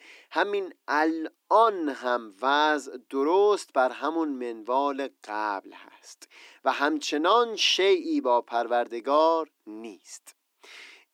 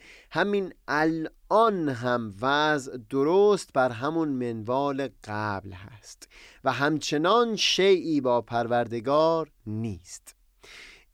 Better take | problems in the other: second | thin; very slightly; fading below 300 Hz

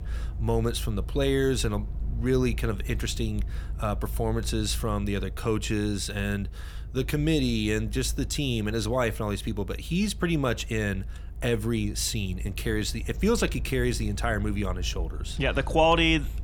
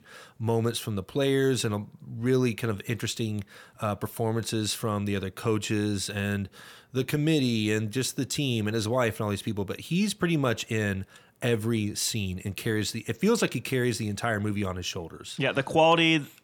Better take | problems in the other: second | low rumble; faint; throughout; 25 dB below the speech

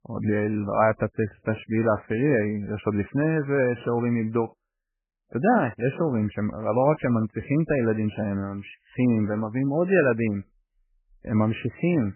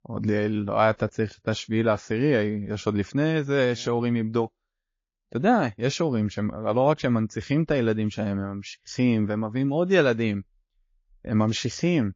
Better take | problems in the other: second | garbled, watery; badly; nothing above 2.5 kHz; slightly in the second

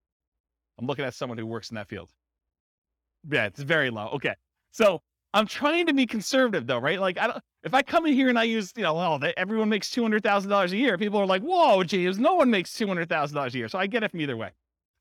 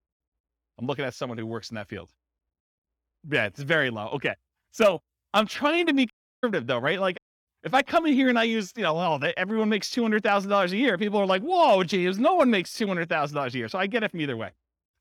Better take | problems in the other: first | audio cutting out; at 6 s and at 7 s

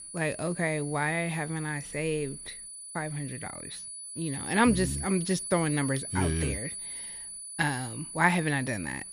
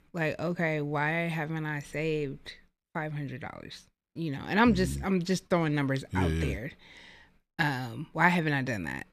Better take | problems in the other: second | high-pitched whine; loud; throughout; 10 kHz, 8 dB below the speech

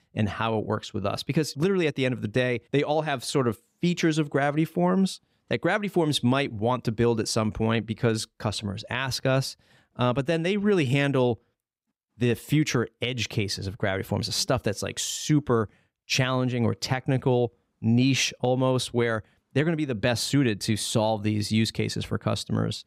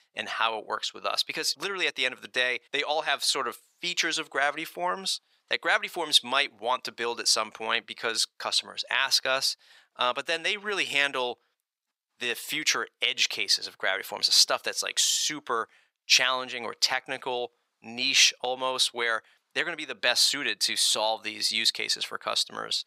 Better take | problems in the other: first | thin; very; fading below 950 Hz

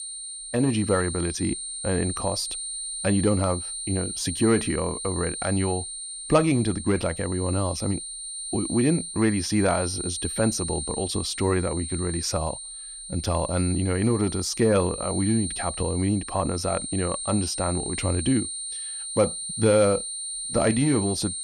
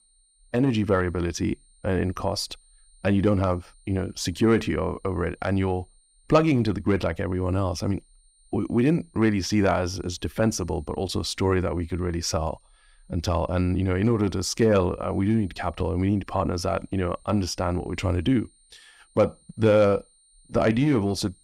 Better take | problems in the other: second | high-pitched whine; loud; throughout; 9 kHz, 6 dB below the speech; faint in the second

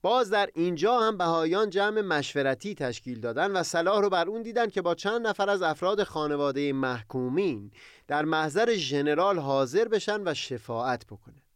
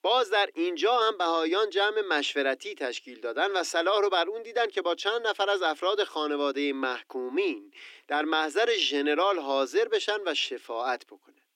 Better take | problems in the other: first | thin; very slightly; fading below 300 Hz

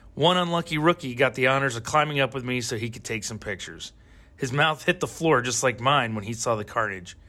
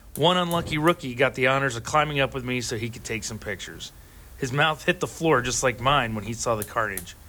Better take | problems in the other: first | hiss; noticeable; throughout; 20 dB below the speech

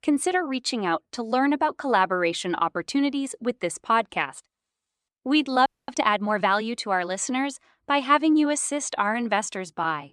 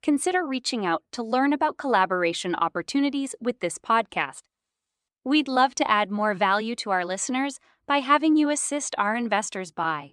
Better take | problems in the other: second | audio freezing; at 5.5 s

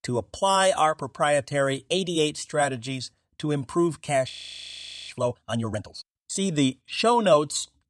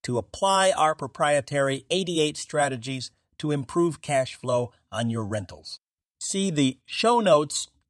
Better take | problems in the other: second | audio freezing; at 4.5 s for 1 s

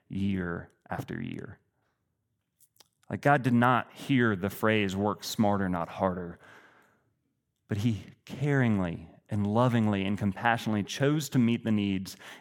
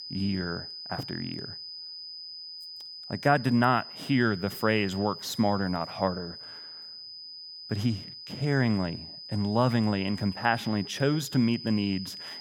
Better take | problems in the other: first | high-pitched whine; noticeable; throughout; 5 kHz, 10 dB below the speech

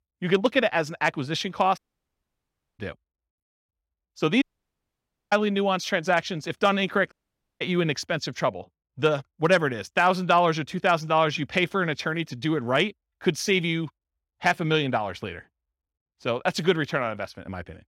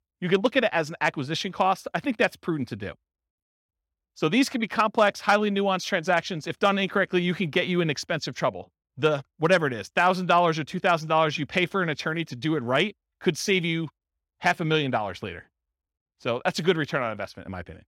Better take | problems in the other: second | audio cutting out; at 2 s for 1 s, at 4.5 s for 1 s and at 7 s

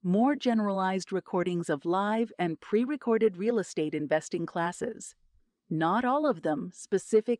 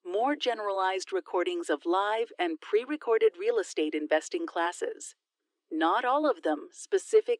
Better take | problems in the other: first | thin; somewhat; fading below 300 Hz

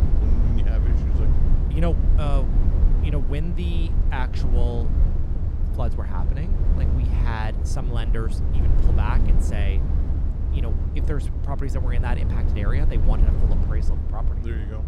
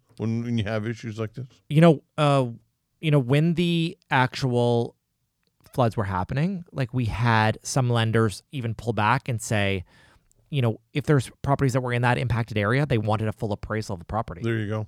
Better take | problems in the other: second | low rumble; loud; throughout; 3 dB below the speech

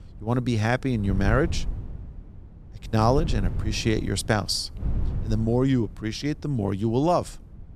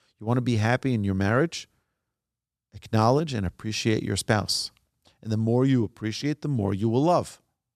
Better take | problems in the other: second | wind noise on the microphone; occasional gusts; 20 dB below the speech

